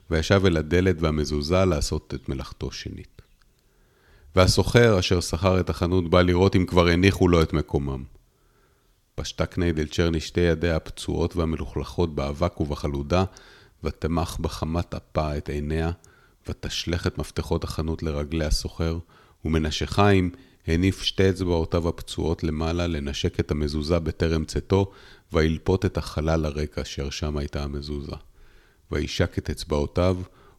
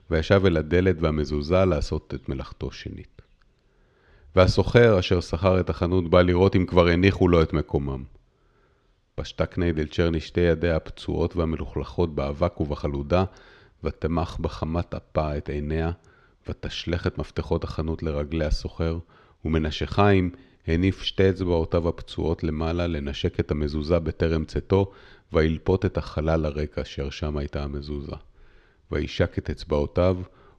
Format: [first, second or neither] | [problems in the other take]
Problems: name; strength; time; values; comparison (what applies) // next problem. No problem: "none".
first | muffled; slightly; fading above 3.5 kHz